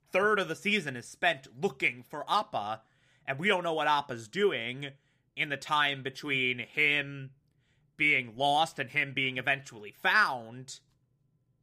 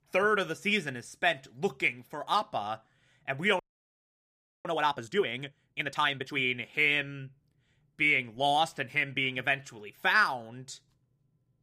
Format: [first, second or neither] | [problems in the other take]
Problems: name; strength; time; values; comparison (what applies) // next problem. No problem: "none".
first | audio freezing; at 3.5 s for 1 s